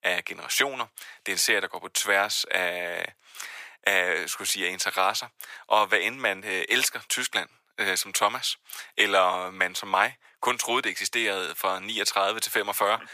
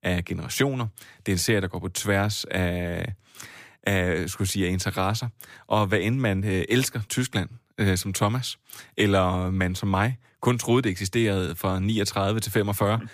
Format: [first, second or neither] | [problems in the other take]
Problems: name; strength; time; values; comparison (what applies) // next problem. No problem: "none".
second | thin; very; fading below 750 Hz